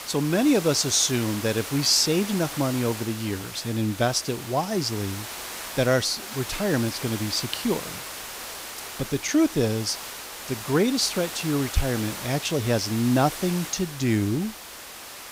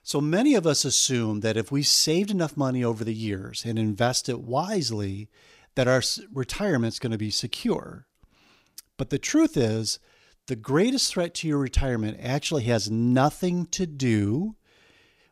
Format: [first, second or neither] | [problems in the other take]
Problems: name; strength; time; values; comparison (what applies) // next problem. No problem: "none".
second | hiss; loud; throughout; 10 dB below the speech